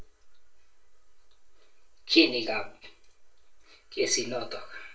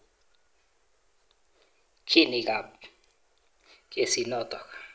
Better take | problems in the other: second | room echo; dies away in 0.2 s

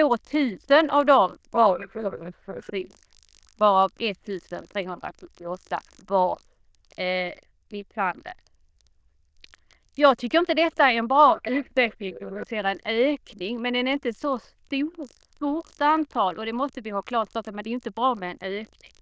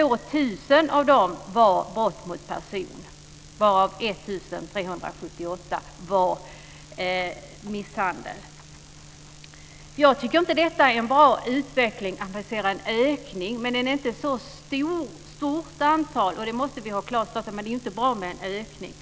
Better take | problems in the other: second | noise reduction (neural diffusion model UNIVERSE++)

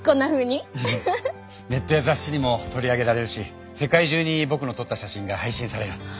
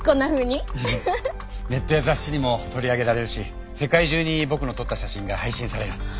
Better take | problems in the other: first | background sound (Computer keyboard); 9 dB below the speech

